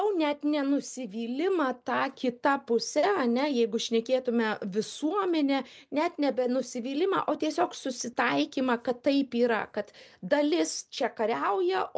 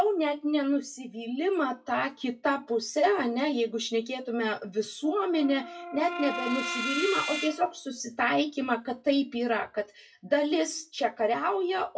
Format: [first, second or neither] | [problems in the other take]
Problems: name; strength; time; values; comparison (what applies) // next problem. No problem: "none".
first | noise reduction (classical method WPE with log-MMSE)